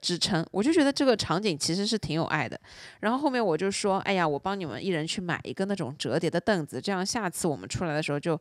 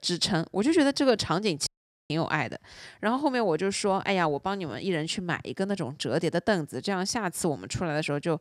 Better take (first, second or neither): first